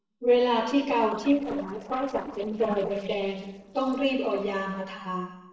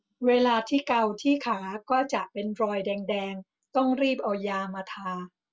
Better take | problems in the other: second | noise reduction (neural separator model SepFormer DNS4)

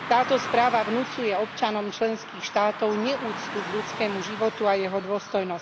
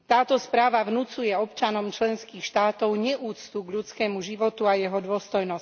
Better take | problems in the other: second | background sound (Car passing by / Traffic noise, roadway noise); 9 dB below the speech

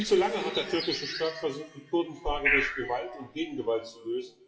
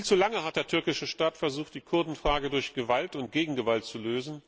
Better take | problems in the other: second | noise reduction (classical method WPE with log-MMSE)

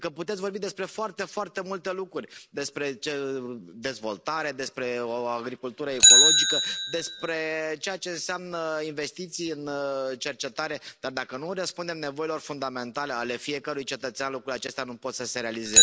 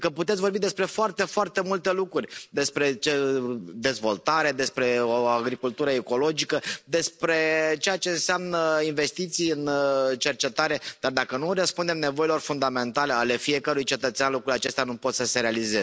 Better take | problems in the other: second | background sound (Bicycle); 4 dB above the speech

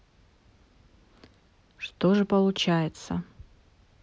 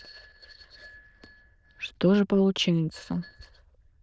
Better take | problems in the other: first | noise reduction (neural diffusion model UNIVERSE++)

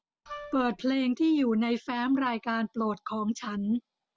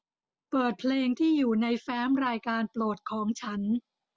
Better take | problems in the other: second | background sound (Wind instrument, woodwind instrument); 15 dB below the speech

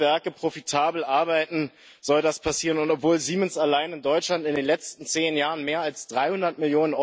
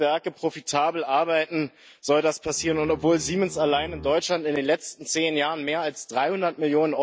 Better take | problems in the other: first | noise reduction (neural mask model DeepFilterNet 3)

